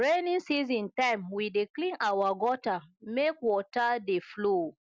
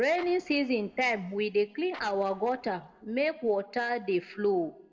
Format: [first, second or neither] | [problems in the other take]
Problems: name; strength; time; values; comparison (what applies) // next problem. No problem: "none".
first | noise reduction (neural separator model SepFormer DNS4)